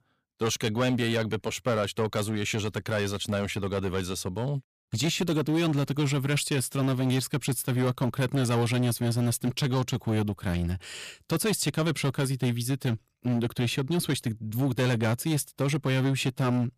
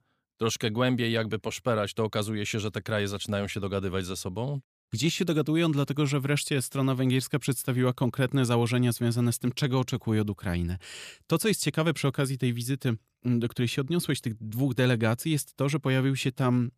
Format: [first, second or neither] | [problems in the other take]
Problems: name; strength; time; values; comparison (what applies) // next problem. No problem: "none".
second | distortion; slight; 13% of the sound clipped